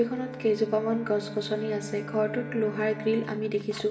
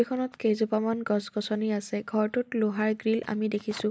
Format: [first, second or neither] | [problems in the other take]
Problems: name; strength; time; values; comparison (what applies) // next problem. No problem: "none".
second | background sound (Bowed string instrument); 12 dB below the speech // room echo; dies away in 0.8 s